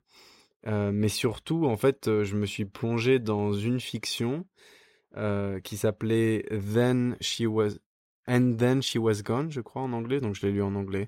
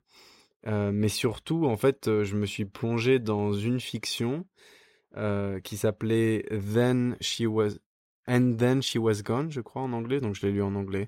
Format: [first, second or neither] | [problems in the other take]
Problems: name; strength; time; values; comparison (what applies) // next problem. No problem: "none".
neither | none